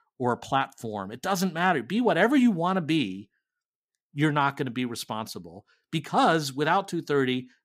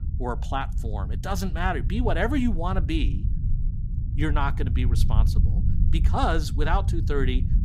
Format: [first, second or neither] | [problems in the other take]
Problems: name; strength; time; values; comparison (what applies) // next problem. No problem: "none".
first | low rumble; noticeable; throughout; 15 dB below the speech